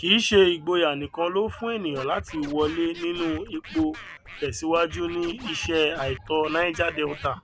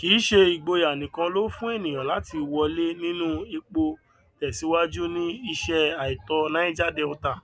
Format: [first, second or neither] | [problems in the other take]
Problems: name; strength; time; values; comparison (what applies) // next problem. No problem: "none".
second | background sound (Scratching (performance technique)); 17 dB below the speech